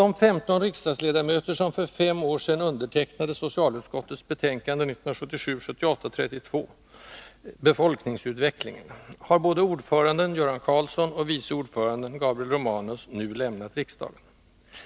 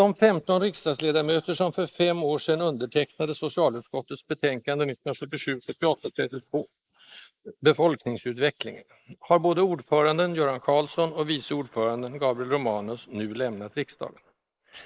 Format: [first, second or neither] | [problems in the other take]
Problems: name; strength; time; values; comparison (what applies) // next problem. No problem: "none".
first | noise reduction (neural mask model Resemble Enhance denoiser)